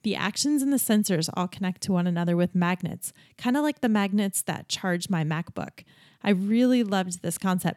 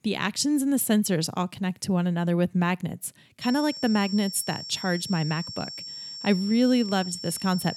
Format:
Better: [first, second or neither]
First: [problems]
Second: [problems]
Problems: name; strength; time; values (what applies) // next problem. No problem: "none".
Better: first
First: none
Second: high-pitched whine; loud; from 3.5 s on; 5.5 kHz, 10 dB below the speech